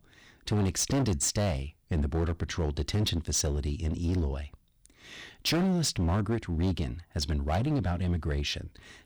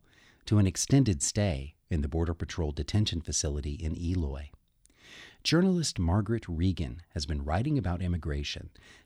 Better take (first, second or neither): second